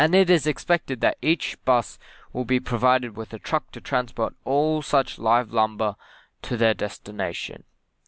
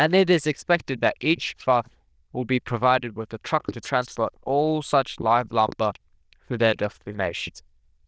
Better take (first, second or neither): first